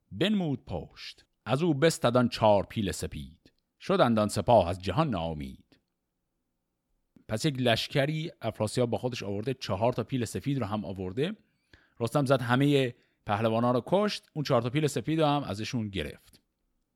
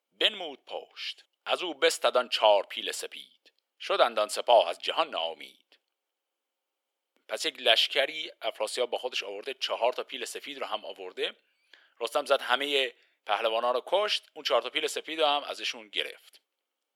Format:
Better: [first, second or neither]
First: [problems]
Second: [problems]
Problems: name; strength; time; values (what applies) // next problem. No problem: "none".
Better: first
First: none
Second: thin; very; fading below 450 Hz